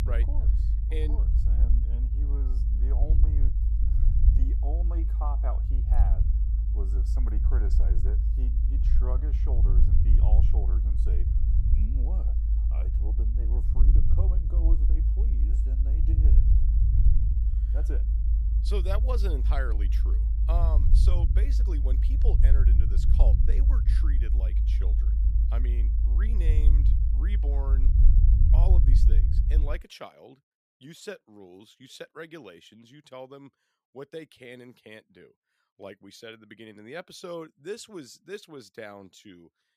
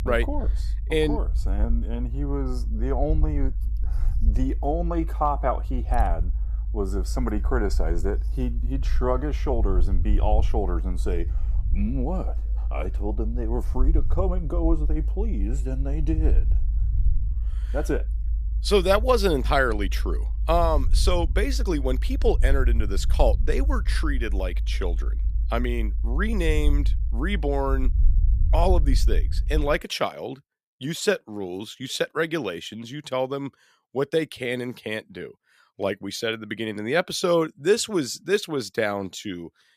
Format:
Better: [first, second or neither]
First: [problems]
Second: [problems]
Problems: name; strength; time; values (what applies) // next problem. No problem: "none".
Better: second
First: low rumble; loud; until 30 s; 3 dB below the speech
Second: low rumble; faint; until 30 s; 20 dB below the speech